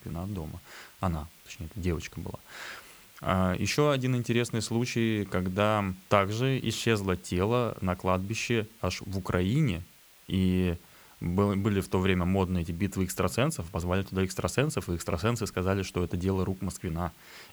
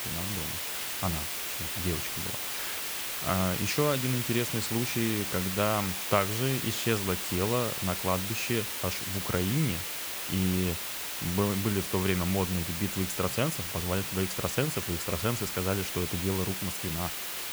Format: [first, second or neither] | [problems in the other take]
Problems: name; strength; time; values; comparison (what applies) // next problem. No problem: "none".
first | hiss; loud; throughout; 1 dB below the speech; faint in the first